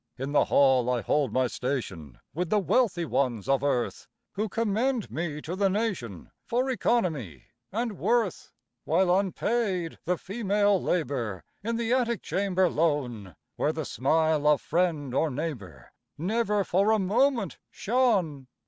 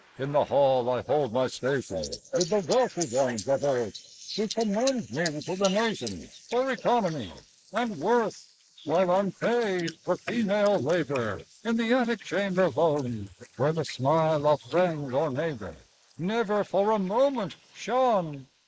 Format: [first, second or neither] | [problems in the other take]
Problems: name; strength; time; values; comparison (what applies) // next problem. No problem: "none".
first | noise reduction (neural mask model Resemble Enhance denoiser)